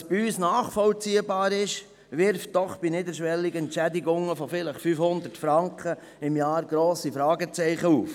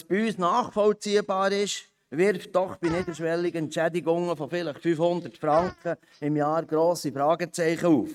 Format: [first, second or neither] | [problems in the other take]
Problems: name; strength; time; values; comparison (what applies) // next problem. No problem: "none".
first | noise reduction (neural mask model RNNoise)